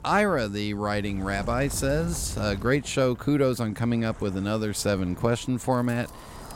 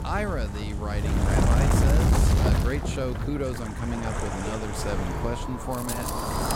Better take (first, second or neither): first